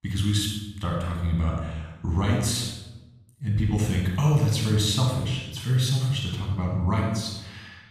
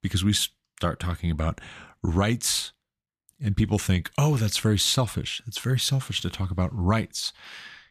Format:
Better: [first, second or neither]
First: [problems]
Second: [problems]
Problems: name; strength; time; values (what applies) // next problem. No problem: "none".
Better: second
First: off-mic speech; somewhat distant // room echo; noticeable; dies away in 0.9 s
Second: none